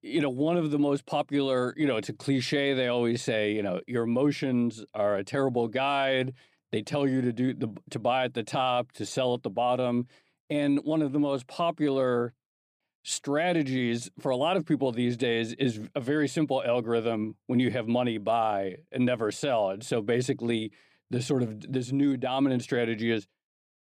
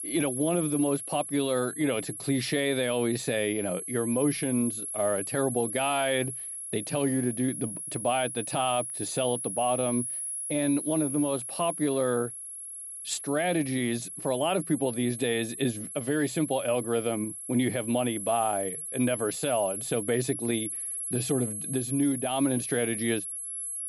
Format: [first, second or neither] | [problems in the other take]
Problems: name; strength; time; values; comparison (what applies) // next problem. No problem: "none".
first | high-pitched whine; loud; throughout; 11 kHz, 5 dB below the speech